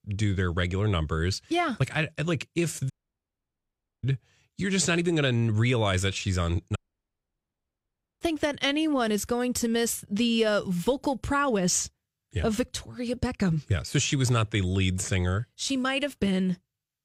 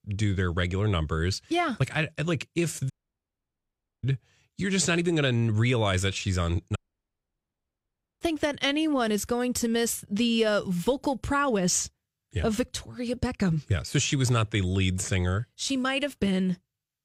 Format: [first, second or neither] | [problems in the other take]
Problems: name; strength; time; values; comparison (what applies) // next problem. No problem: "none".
neither | audio cutting out; at 3 s for 1 s and at 7 s for 1.5 s; the same in both